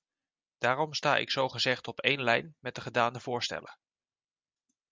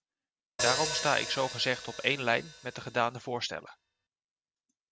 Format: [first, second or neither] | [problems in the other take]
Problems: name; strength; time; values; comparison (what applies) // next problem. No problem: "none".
first | background sound (Hi-hat); 5 dB below the speech